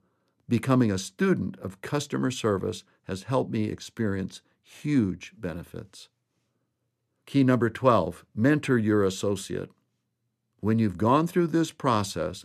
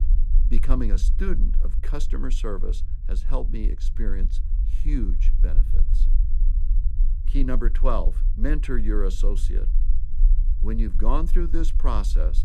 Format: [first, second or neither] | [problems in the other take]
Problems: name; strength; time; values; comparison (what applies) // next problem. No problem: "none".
first | low rumble; noticeable; throughout; 15 dB below the speech